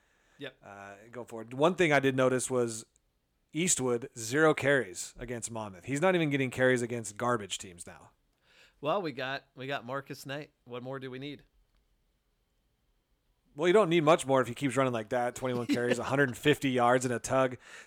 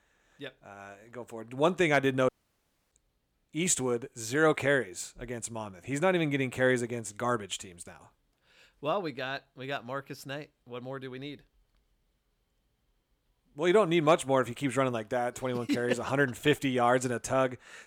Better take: first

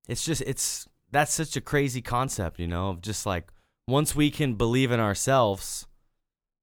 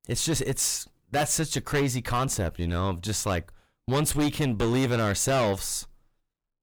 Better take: first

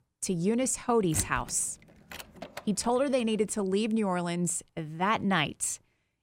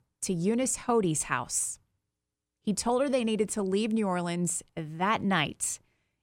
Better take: second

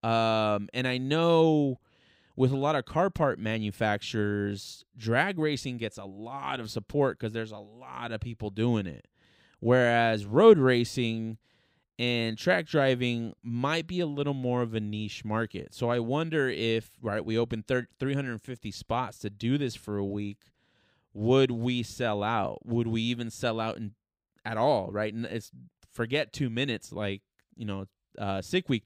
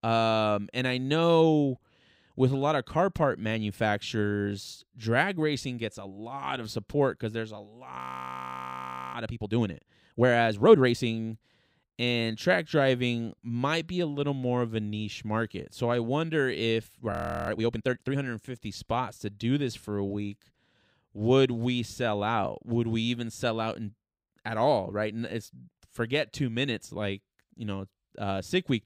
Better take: first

